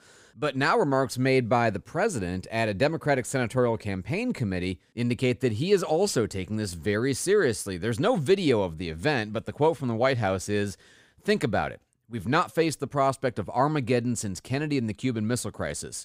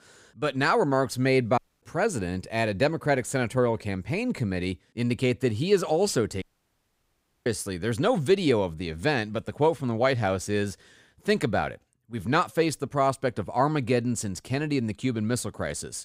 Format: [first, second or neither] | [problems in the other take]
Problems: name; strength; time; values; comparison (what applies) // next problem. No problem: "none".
first | audio cutting out; at 1.5 s and at 6.5 s for 1 s